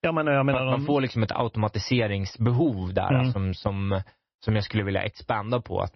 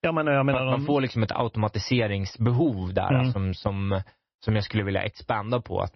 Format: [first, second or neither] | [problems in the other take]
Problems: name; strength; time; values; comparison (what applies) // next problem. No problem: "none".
neither | garbled, watery; slightly; nothing above 6 kHz; the same in both